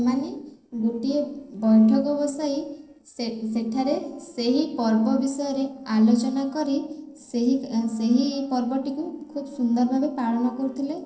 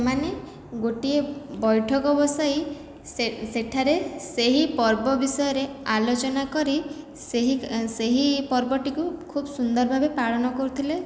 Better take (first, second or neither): second